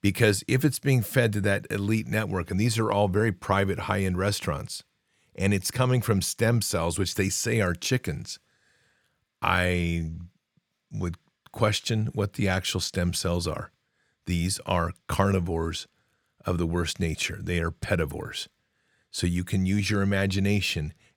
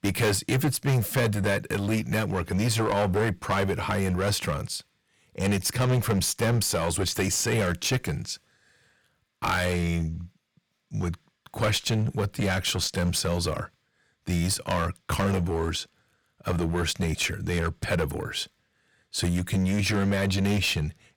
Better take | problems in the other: first | distortion; heavy; 10% of the sound clipped

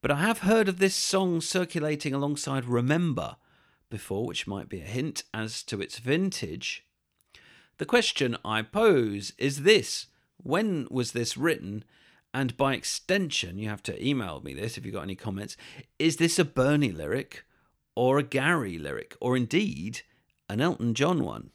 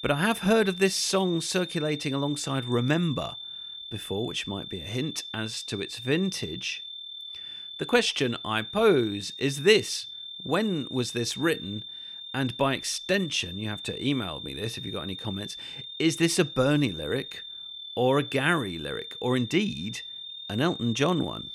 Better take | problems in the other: first | high-pitched whine; loud; throughout; 3.5 kHz, 10 dB below the speech

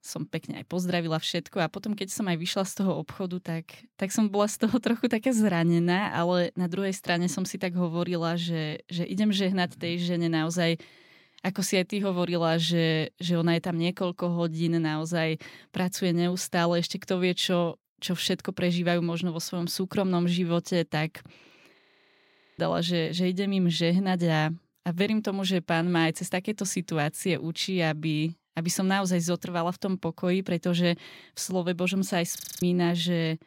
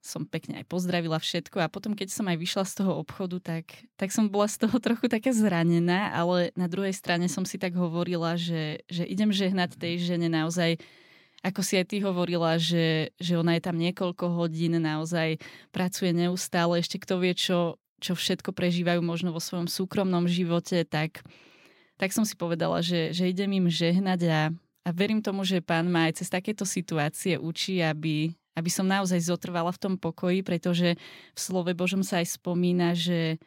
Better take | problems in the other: second | audio freezing; at 22 s for 1 s and at 32 s

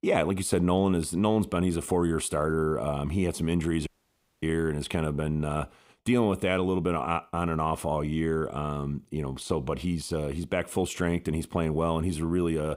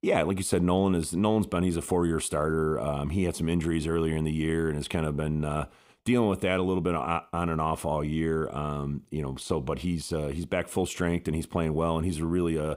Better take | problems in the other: second | audio cutting out; at 4 s for 0.5 s

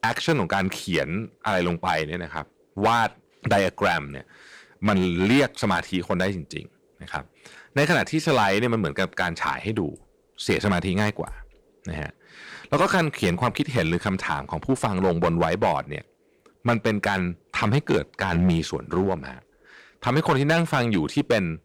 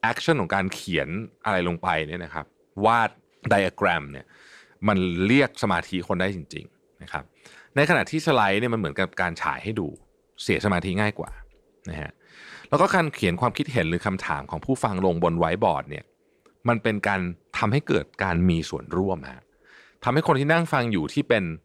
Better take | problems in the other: second | distortion; slight; 4% of the sound clipped

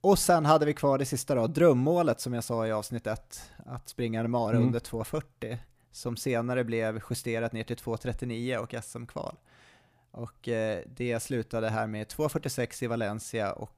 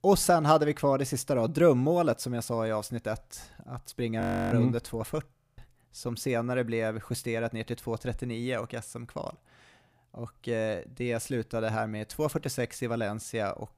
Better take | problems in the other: first | audio freezing; at 4 s and at 5.5 s

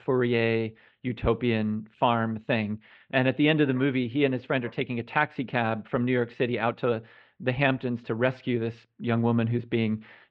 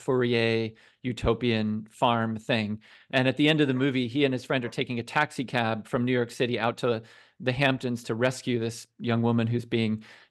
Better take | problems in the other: second | muffled; slightly; fading above 3 kHz

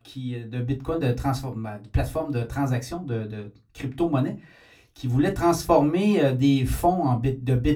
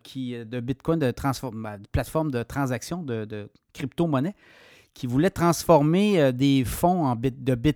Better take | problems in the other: second | off-mic speech; far // room echo; very slight; dies away in 0.2 s

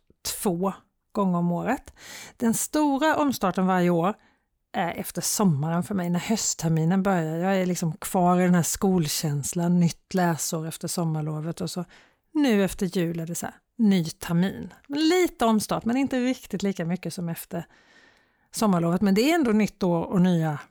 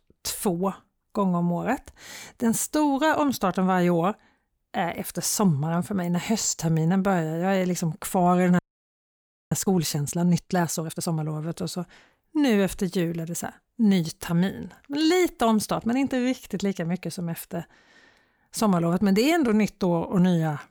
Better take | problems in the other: first | audio freezing; at 8.5 s for 1 s

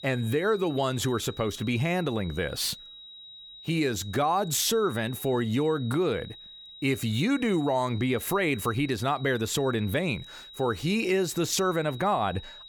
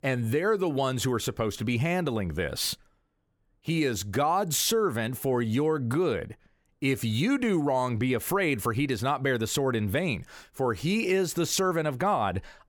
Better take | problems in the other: second | high-pitched whine; noticeable; throughout; 4 kHz, 15 dB below the speech

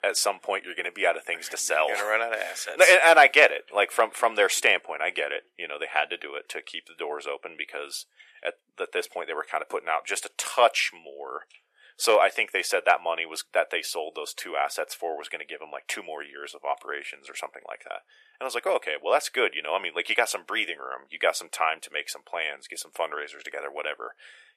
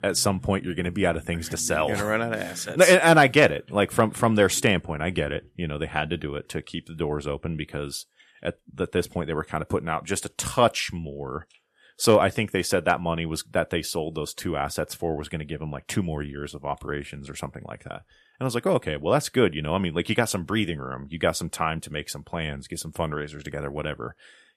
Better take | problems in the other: second | thin; very; fading below 450 Hz

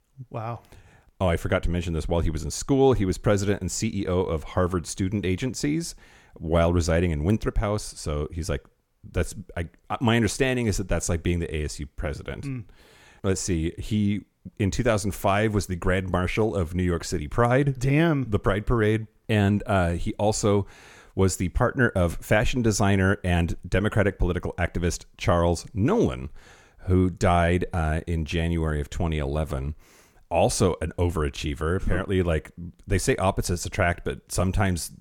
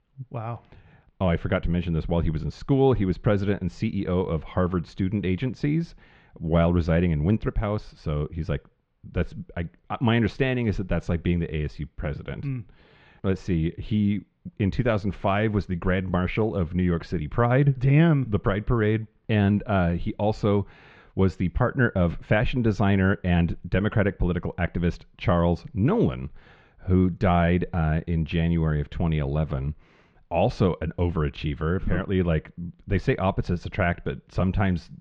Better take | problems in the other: first | muffled; slightly; fading above 3.5 kHz

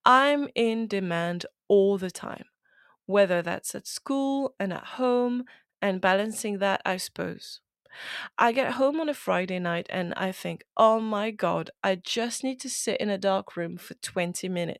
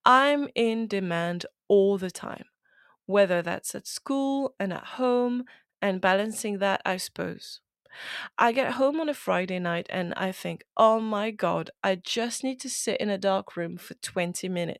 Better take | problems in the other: neither | none

